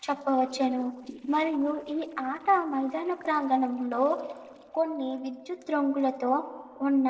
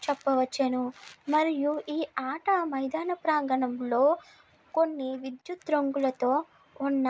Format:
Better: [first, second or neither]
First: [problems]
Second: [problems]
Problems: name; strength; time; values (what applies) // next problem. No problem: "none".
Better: second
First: noise reduction (neural separator model SepFormer DNS4)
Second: none